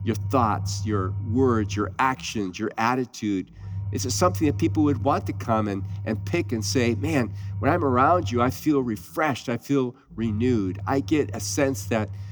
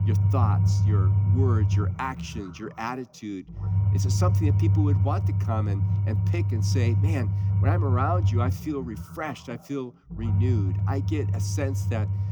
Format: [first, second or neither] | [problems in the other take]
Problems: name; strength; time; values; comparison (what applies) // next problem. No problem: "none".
first | low rumble; loud; throughout; 5 dB below the speech; faint in the first